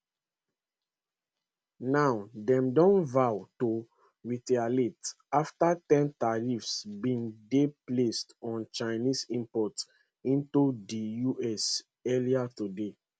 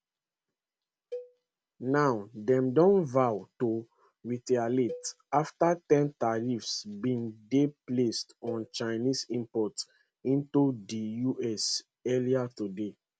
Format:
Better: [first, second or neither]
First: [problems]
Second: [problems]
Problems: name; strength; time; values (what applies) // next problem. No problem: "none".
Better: first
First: none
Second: background sound (Cowbell); 18 dB below the speech